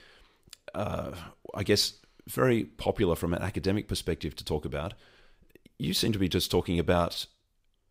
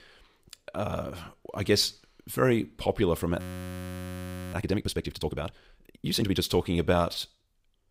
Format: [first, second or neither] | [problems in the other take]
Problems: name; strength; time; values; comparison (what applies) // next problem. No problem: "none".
first | audio freezing; at 3.5 s for 1 s